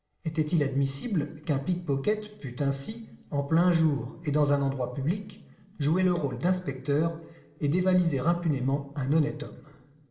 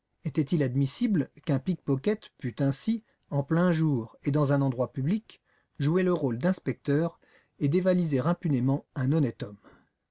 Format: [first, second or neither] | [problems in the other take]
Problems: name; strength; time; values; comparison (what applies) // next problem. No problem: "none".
second | room echo; dies away in 1.2 s